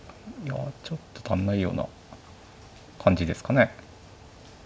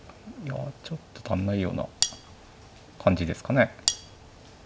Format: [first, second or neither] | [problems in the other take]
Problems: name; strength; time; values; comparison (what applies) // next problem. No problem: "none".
first | background sound (Cutlery, silverware); 1 dB below the speech